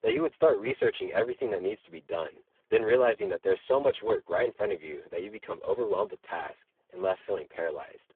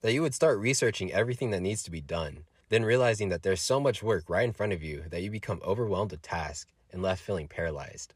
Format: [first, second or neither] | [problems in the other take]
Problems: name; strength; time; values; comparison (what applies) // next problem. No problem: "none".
second | phone-call audio; poor line